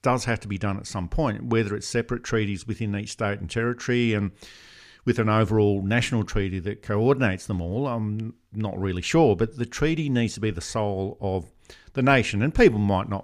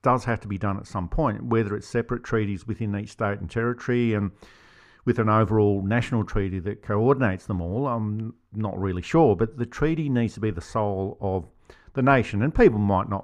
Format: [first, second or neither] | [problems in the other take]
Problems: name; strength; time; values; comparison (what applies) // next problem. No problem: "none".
first | muffled; slightly; fading above 2 kHz